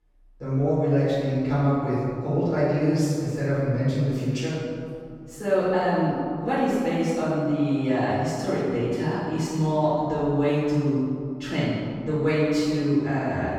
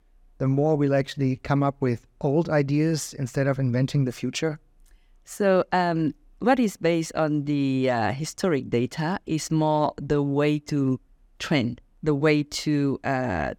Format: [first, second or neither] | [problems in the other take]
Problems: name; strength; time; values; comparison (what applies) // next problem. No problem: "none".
second | off-mic speech; far // room echo; strong; dies away in 2.1 s